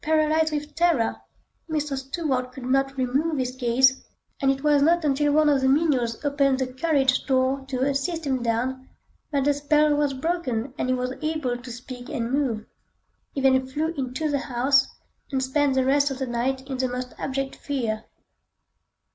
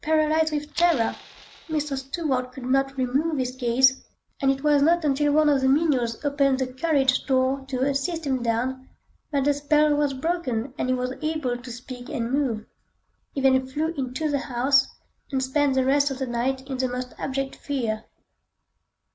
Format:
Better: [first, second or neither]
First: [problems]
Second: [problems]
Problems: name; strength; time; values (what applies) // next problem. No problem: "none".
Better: first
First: none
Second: background sound (Fire); 16 dB below the speech